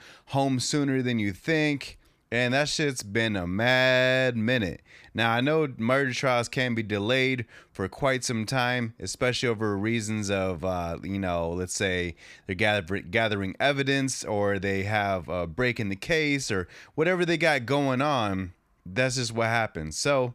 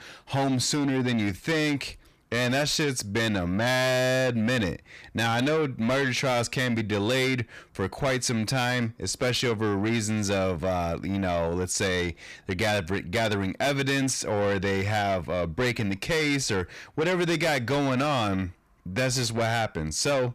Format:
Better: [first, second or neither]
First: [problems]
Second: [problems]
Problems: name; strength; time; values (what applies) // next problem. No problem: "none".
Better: first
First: none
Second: distortion; heavy; 8 dB below the speech